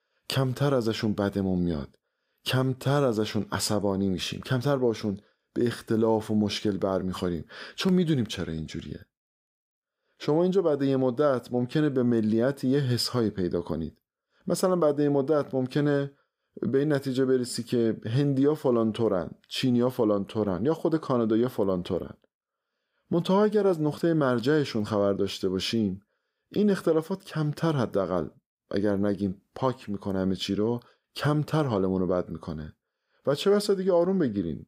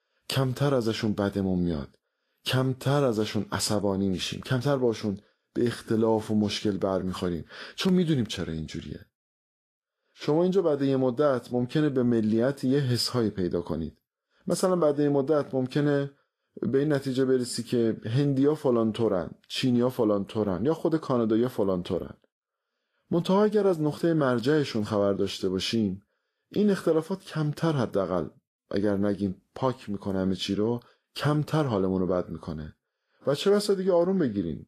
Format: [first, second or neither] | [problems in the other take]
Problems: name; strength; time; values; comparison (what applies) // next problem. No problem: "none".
first | garbled, watery; slightly; nothing above 13 kHz